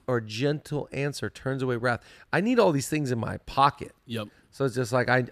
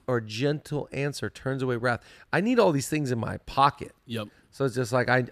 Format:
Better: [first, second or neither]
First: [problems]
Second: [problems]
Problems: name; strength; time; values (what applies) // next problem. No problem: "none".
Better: neither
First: none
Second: none